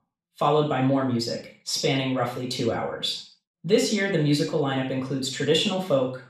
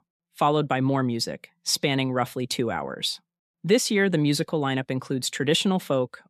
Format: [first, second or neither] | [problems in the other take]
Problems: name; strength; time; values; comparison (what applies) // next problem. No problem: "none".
second | room echo; noticeable; dies away in 0.4 s // off-mic speech; far